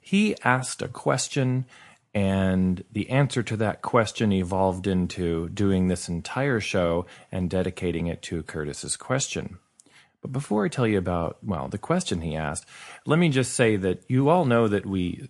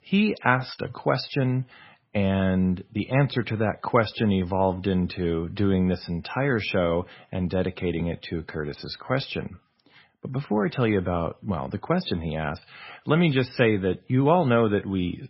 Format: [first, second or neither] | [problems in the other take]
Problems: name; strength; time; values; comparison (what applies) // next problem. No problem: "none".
first | garbled, watery; badly; nothing above 5.5 kHz; slightly in the first